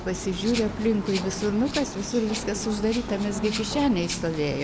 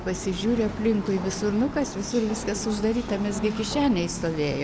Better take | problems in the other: second | background sound (Rattle (instrument)); 15 dB below the speech

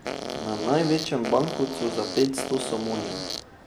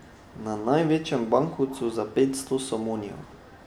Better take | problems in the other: second | background sound (Fart); 6 dB below the speech

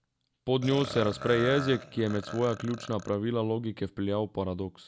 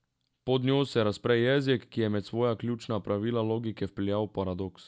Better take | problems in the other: second | background sound (Burping, eructation); 11 dB below the speech

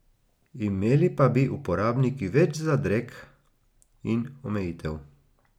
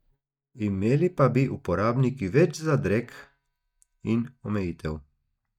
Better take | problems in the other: first | noise reduction (neural mask model DeepFilterNet 3)

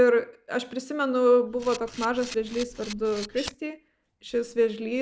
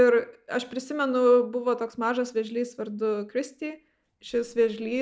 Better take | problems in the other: second | background sound (Camera); 15 dB below the speech

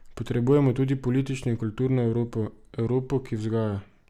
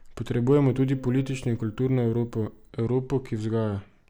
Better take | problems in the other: first | background sound (Piano); 17 dB below the speech

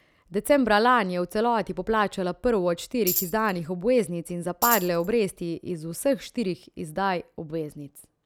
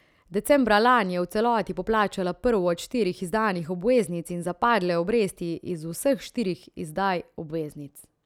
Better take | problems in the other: second | background sound (Tambourine); 5 dB below the speech

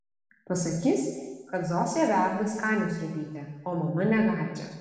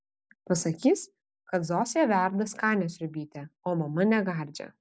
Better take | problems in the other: second | room echo; dies away in 1.2 s

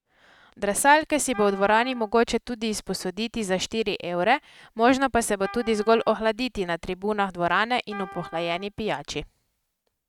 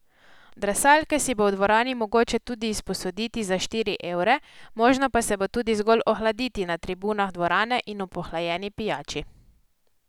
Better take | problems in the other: second | noise reduction (neural mask model RNNoise)

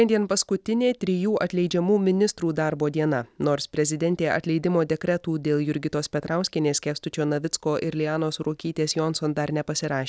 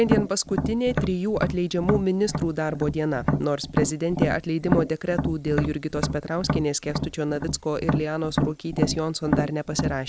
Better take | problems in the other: first | background sound (Tap); 2 dB below the speech

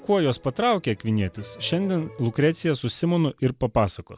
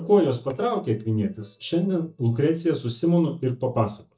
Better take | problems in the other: first | noise reduction (neural mask model DeepFilterNet 3)

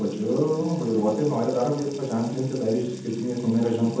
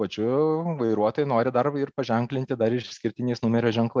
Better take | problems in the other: second | background sound (Trickle, dribble / Water tap, faucet / Music); 15 dB below the speech // room echo; dies away in 0.8 s

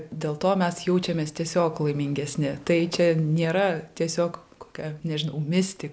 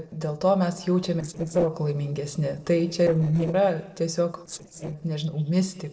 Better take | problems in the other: first | noise reduction (neural separator model SepFormer DNS4)

